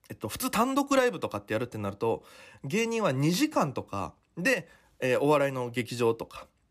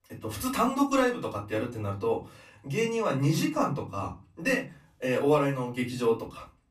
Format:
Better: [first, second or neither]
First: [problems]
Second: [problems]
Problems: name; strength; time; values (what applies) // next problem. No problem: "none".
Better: first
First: none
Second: off-mic speech; far // room echo; very slight; dies away in 0.3 s